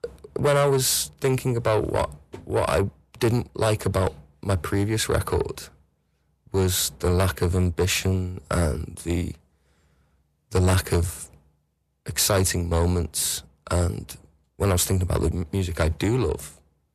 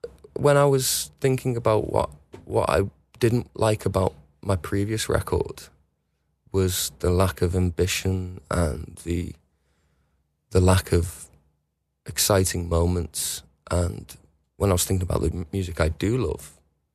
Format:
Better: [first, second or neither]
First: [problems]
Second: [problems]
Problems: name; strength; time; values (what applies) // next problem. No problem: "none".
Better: second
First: distortion; slight; 10 dB below the speech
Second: none